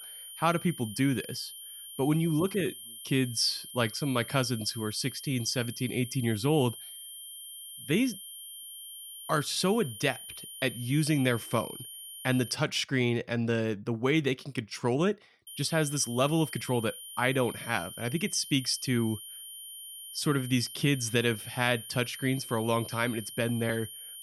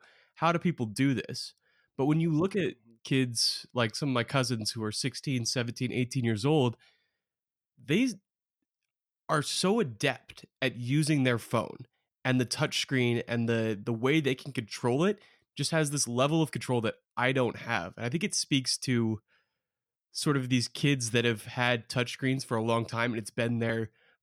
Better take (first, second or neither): second